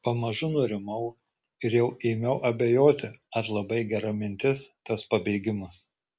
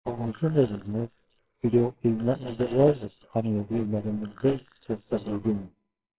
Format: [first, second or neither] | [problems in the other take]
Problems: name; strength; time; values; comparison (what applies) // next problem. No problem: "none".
first | noise reduction (neural separator model SepFormer WHAMR!)